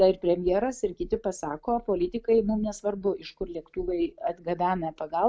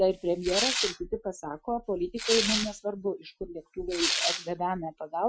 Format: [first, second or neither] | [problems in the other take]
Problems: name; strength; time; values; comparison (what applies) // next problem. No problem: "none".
first | noise reduction (classical method Wiener filter)